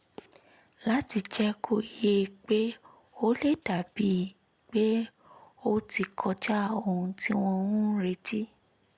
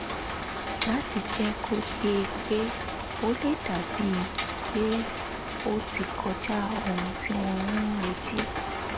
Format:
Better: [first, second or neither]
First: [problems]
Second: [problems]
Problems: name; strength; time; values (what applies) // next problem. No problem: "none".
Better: first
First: none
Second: background sound (Rain); 2 dB below the speech